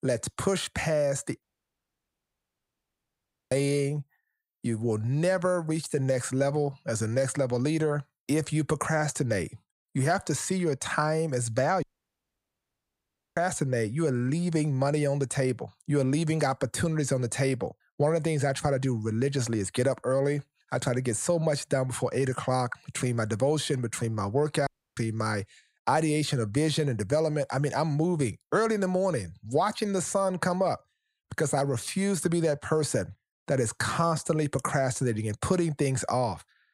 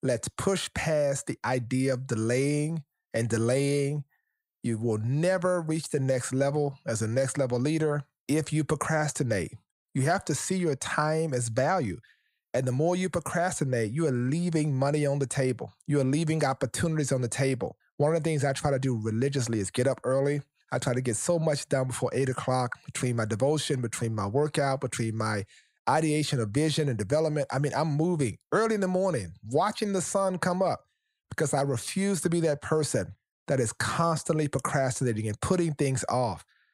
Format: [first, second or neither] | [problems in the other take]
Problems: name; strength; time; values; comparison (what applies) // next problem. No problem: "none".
second | audio cutting out; at 1.5 s for 2 s, at 12 s for 1.5 s and at 25 s